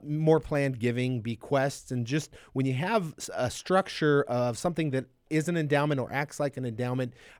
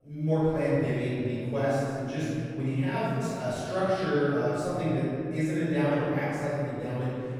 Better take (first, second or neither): first